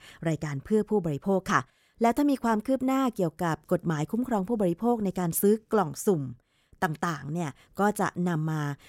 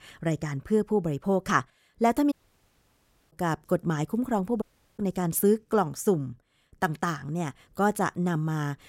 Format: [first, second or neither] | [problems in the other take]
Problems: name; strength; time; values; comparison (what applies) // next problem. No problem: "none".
first | audio cutting out; at 2.5 s for 1 s and at 4.5 s